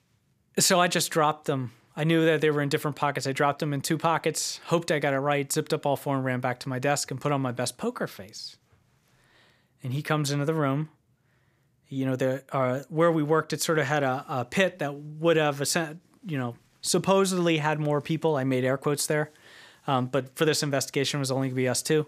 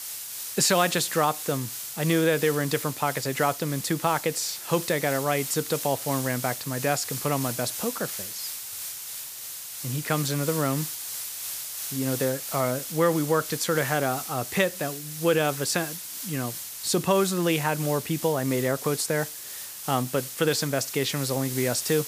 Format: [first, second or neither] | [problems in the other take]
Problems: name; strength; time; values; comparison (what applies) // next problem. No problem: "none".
first | hiss; loud; throughout; 7 dB below the speech